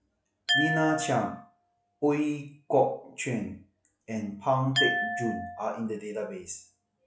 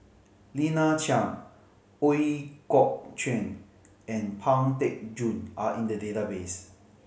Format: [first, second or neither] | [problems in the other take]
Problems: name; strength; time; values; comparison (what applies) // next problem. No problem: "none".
second | noise reduction (classical method log-MMSE)